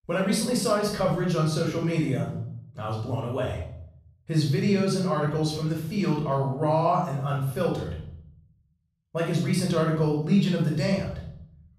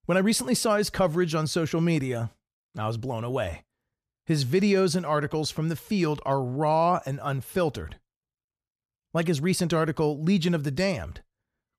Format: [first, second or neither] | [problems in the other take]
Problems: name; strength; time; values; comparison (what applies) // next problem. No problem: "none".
second | off-mic speech; far // room echo; noticeable; dies away in 0.6 s